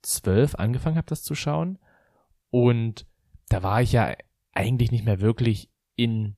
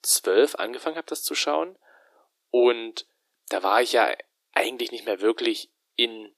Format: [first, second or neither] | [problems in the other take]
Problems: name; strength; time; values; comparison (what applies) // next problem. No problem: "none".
first | thin; very; fading below 300 Hz